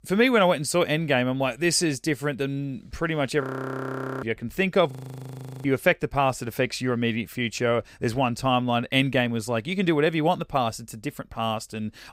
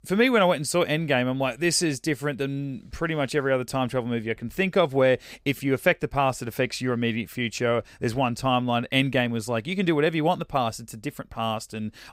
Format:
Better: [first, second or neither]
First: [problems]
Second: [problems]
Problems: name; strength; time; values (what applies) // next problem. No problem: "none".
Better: second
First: audio freezing; at 3.5 s for 1 s and at 5 s for 0.5 s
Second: none